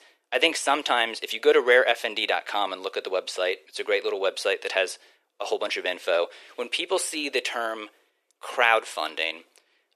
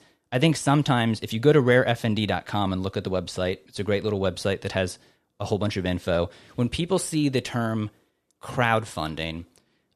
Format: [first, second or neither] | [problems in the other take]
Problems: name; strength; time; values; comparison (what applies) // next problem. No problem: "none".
second | thin; very; fading below 400 Hz